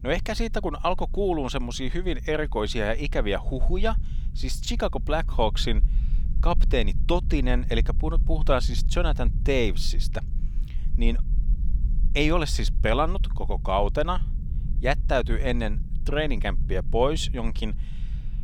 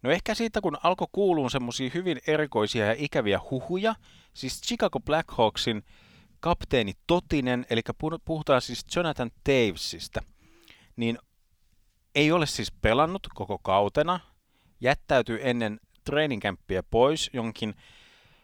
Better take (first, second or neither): second